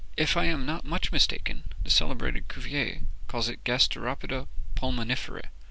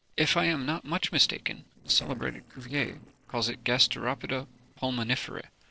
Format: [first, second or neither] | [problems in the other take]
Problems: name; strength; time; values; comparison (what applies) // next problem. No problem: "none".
first | noise reduction (neural separator model SepFormer DNS4)